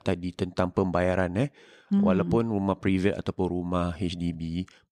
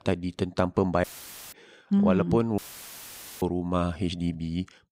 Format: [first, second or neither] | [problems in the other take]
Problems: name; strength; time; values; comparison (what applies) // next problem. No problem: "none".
first | audio cutting out; filled with static; at 1 s and at 2.5 s for 1 s